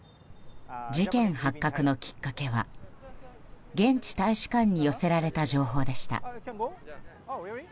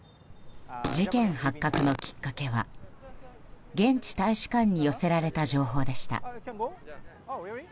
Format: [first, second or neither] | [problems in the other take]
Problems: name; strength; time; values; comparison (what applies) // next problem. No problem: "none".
first | background sound (Fart); 9 dB below the speech